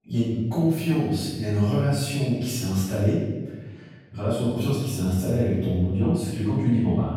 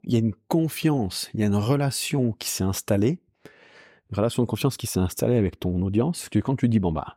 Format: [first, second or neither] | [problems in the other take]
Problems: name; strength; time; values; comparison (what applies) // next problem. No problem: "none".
second | off-mic speech; far // room echo; strong; dies away in 1.2 s